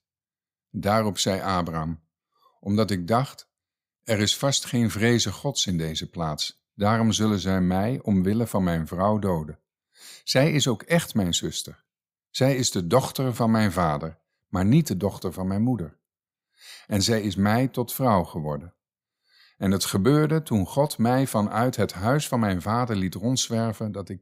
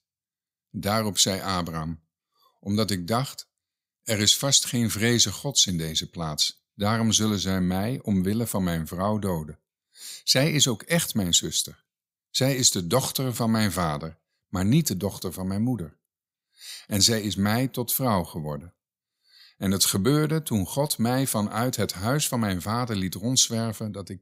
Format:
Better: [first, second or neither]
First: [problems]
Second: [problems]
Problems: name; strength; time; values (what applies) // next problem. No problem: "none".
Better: second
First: muffled; slightly; fading above 3 kHz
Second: none